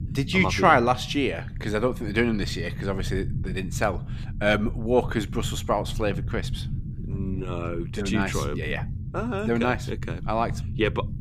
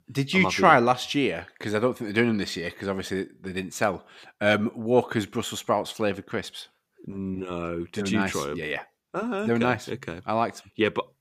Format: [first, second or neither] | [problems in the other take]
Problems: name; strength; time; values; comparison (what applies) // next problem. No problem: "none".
second | low rumble; noticeable; throughout; 20 dB below the speech